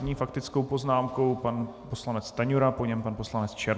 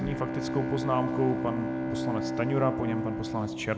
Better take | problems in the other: first | background sound (Bowed string instrument); 1 dB below the speech

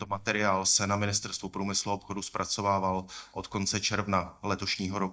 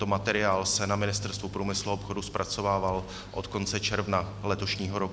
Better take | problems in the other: second | noise reduction (neural mask model DeepFilterNet 3)

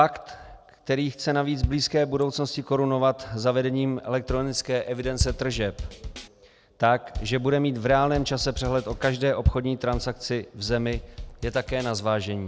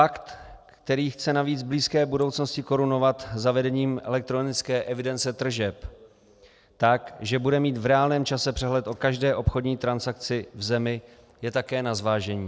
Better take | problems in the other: second | background sound (Bass drum / Snare drum / Drum kit + Bass drum); 9 dB below the speech

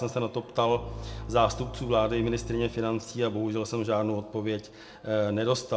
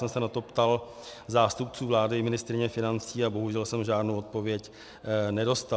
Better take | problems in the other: second | background sound (Bowed string instrument); 12 dB below the speech // room echo; dies away in 0.5 s

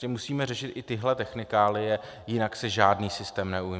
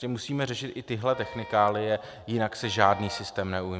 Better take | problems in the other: first | background sound (Wind instrument, woodwind instrument); 18 dB below the speech

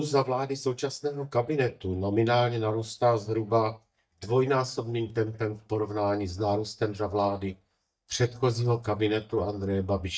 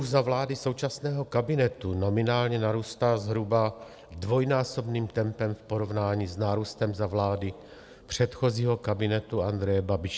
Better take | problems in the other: second | noise reduction (neural mask model DeepFilterNet 3)

